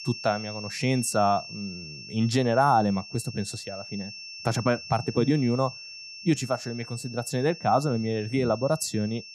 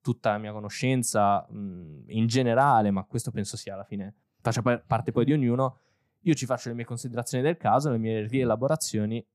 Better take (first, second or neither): second